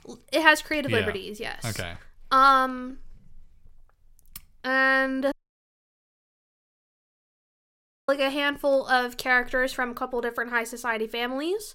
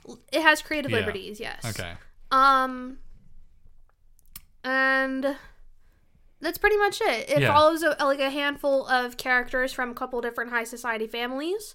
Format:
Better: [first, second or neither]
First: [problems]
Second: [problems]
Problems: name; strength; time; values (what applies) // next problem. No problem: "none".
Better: second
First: audio cutting out; at 5.5 s for 3 s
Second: none